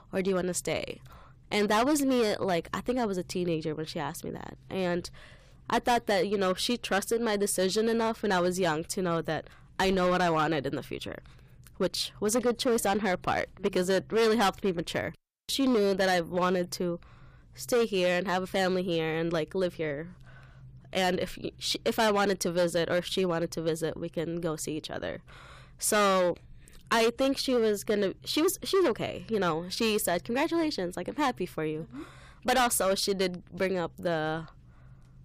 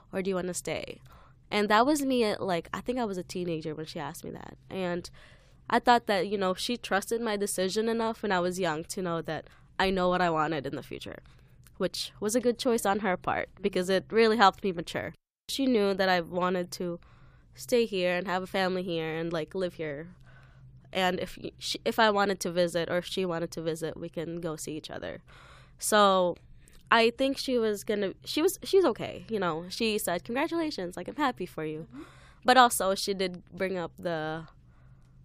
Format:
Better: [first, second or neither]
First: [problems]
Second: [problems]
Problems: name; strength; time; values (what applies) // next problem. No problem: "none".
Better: second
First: distortion; heavy; 7% of the sound clipped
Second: none